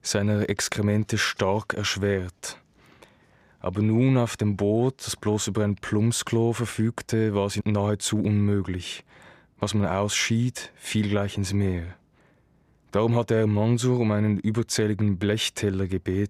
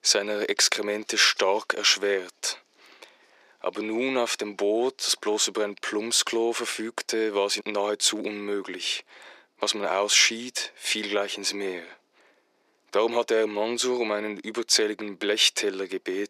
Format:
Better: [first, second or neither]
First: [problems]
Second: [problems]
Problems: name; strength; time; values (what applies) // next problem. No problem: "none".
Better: first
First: none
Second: thin; very; fading below 350 Hz